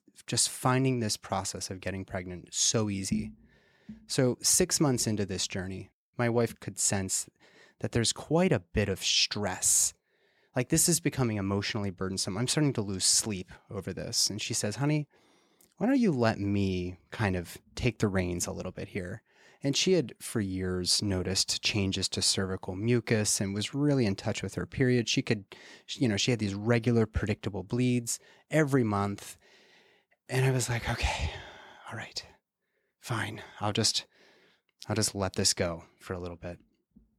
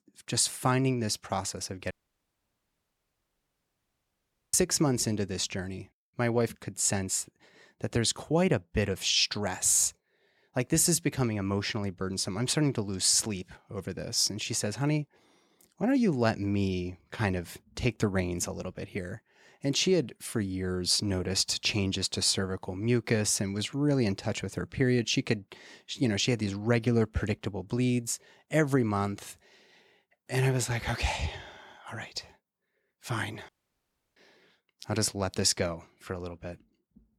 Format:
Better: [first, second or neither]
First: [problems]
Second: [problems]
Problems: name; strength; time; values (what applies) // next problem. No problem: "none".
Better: first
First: none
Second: audio cutting out; at 2 s for 2.5 s and at 33 s for 0.5 s